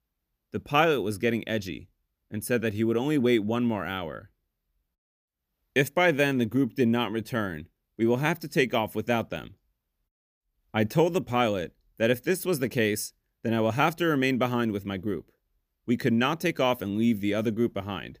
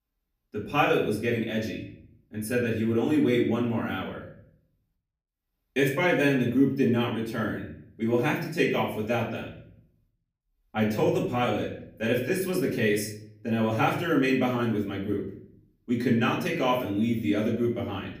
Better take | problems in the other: first | off-mic speech; far // room echo; slight; dies away in 0.6 s

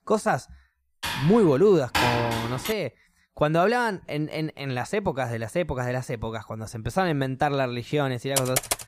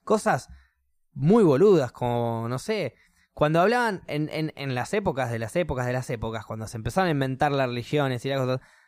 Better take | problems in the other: second | keyboard typing; loud; from 1 to 2.5 s; peak 2 dB above the speech // keyboard typing; noticeable; at 8.5 s; peak level with the speech

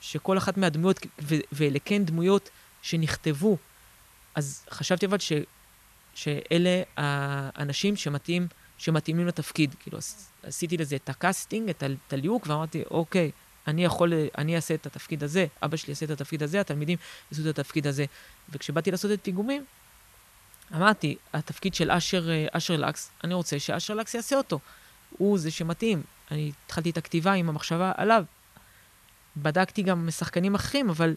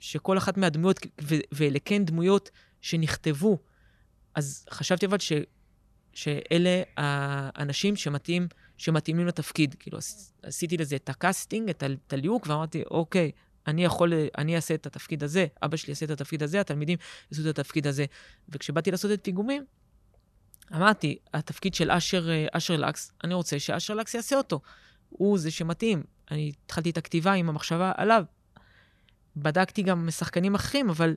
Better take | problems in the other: second | hiss; faint; throughout; 25 dB below the speech

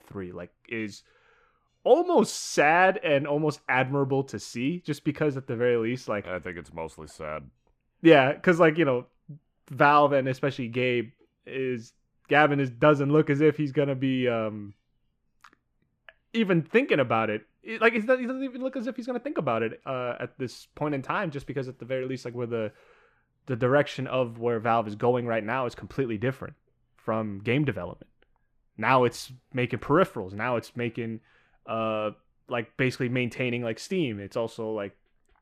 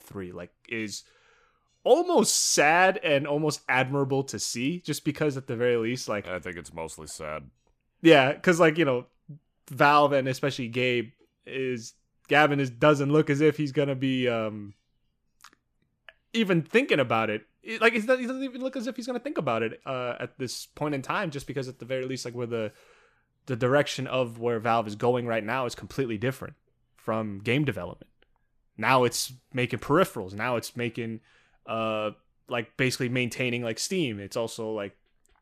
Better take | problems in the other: second | muffled; slightly; fading above 3.5 kHz

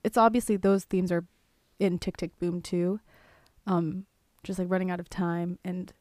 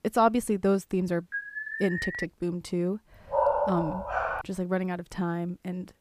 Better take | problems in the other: first | alarm; noticeable; at 1.5 s; peak 3 dB below the speech // dog barking; loud; from 3.5 to 4.5 s; peak 4 dB above the speech

